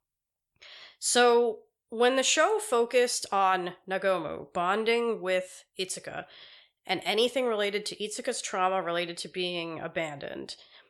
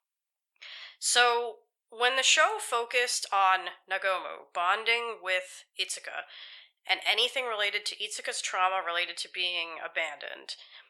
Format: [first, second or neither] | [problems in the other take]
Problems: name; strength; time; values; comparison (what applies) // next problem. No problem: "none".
first | thin; very; fading below 850 Hz